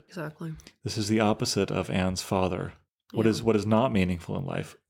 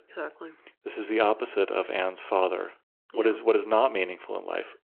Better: first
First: none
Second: phone-call audio

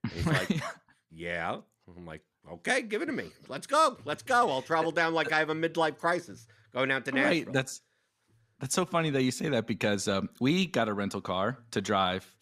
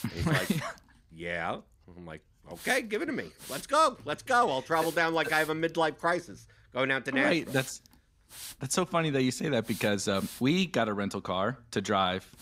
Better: first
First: none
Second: hiss; noticeable; throughout; 15 dB below the speech

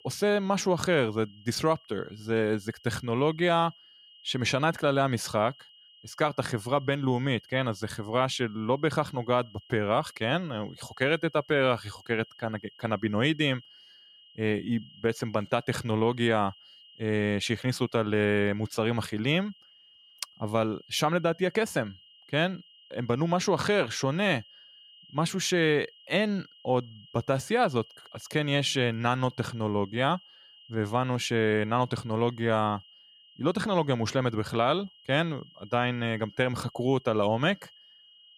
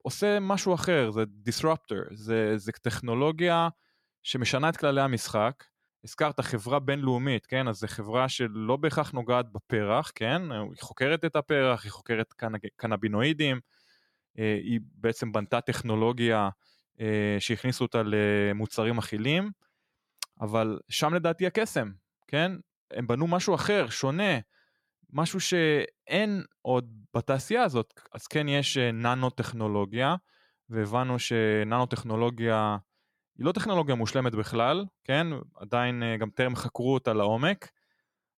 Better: second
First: high-pitched whine; faint; throughout; 3 kHz, 25 dB below the speech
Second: none

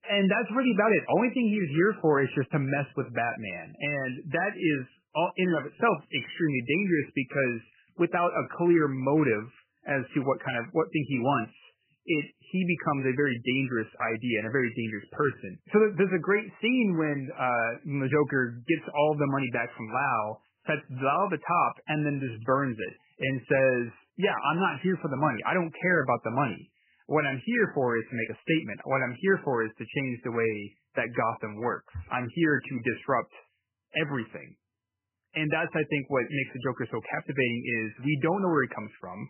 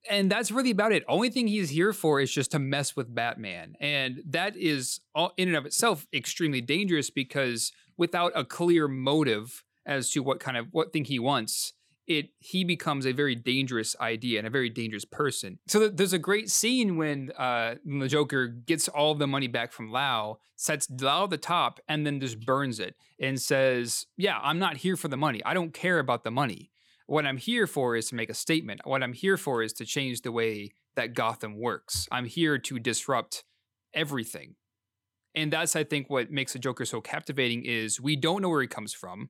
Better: second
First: garbled, watery; badly; nothing above 3 kHz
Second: none

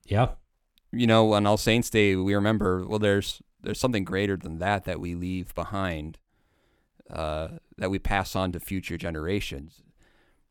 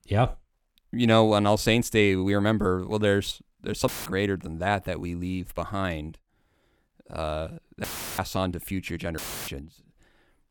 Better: first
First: none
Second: audio cutting out; filled with static; at 4 s, at 8 s and at 9 s

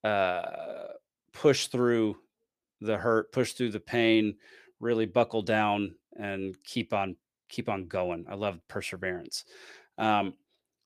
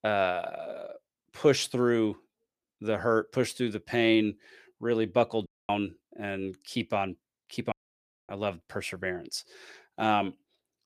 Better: first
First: none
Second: audio cutting out; at 5.5 s and at 7.5 s for 0.5 s

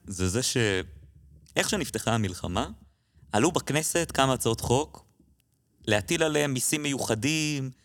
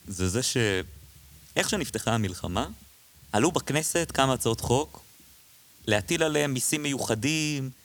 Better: first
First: none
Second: hiss; faint; throughout; 25 dB below the speech

